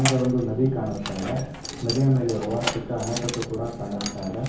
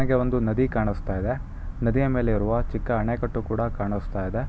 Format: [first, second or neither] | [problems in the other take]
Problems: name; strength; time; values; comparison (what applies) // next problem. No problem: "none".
second | background sound (Keys jangling); 9 dB below the speech // room echo; dies away in 0.7 s